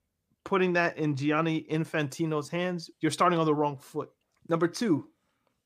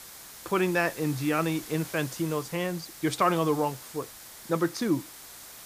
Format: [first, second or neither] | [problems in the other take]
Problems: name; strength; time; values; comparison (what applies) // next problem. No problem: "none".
first | hiss; noticeable; throughout; 15 dB below the speech